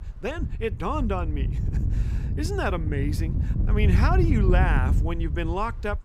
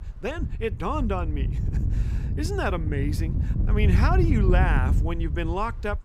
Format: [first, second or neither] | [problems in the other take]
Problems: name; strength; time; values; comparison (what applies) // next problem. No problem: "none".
neither | wind noise on the microphone; occasional gusts; 10 dB below the speech; the same in both